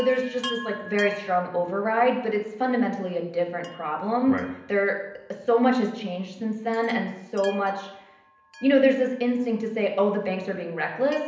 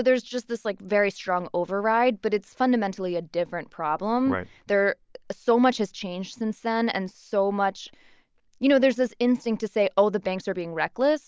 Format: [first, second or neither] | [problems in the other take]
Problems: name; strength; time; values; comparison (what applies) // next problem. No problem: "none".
second | background sound (Chime); 19 dB below the speech // room echo; dies away in 0.8 s